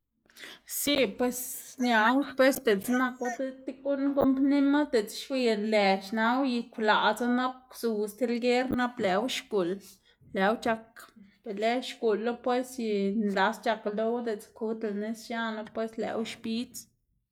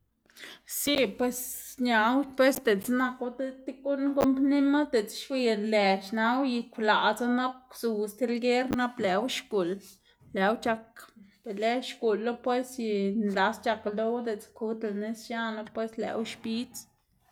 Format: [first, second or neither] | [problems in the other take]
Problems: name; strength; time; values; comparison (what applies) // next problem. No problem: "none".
second | noise reduction (neural mask model Resemble Enhance denoiser)